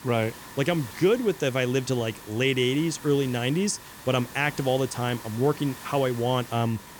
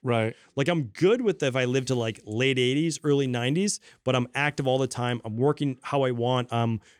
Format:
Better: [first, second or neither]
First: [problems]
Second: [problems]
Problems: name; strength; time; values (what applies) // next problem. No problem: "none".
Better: second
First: hiss; noticeable; throughout; 15 dB below the speech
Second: none